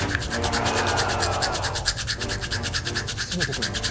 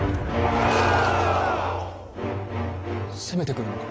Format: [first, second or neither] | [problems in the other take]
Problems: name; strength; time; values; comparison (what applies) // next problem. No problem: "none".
second | background sound (Domestic sounds, home sounds); as loud as the speech